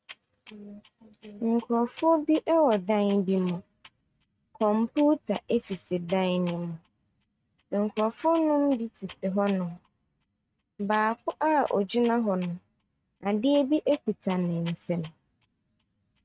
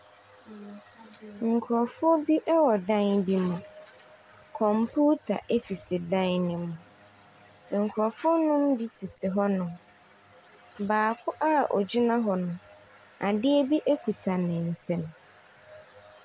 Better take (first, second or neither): second